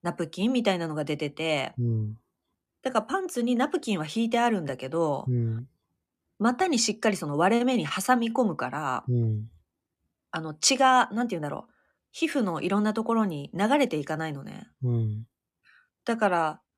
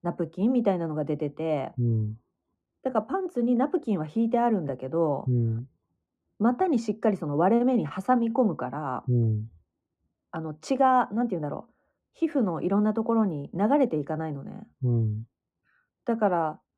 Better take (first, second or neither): first